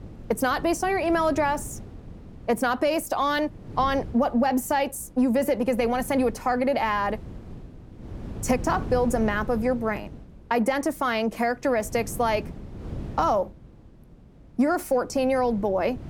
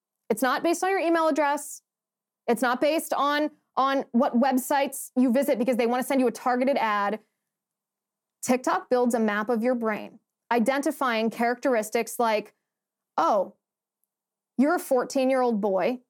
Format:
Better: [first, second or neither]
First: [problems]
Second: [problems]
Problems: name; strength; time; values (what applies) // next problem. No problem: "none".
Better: second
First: wind noise on the microphone; occasional gusts; 25 dB below the speech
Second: none